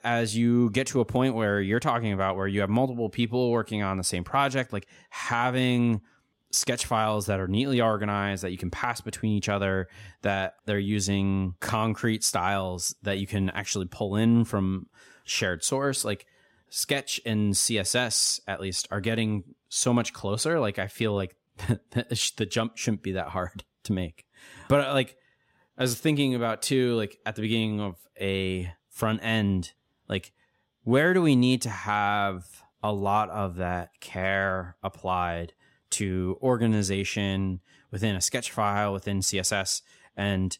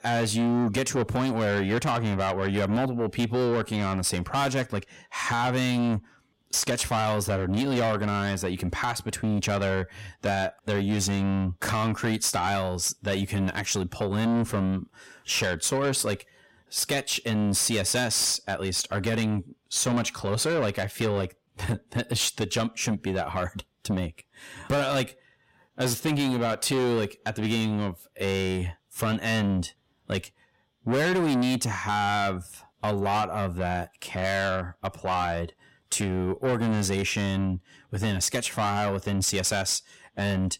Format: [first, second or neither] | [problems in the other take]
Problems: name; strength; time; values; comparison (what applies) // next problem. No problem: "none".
first | distortion; heavy; 7 dB below the speech